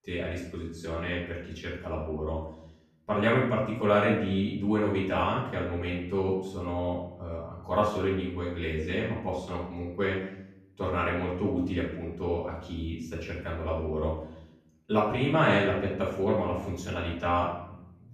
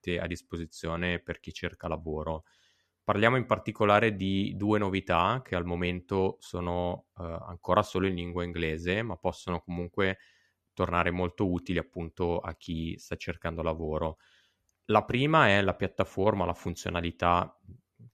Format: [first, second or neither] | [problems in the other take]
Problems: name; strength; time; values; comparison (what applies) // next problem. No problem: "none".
second | off-mic speech; far // room echo; noticeable; dies away in 0.7 s